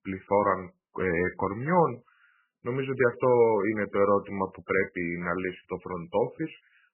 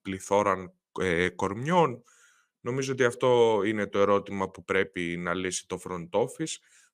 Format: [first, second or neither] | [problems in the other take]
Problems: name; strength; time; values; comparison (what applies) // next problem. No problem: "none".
second | garbled, watery; badly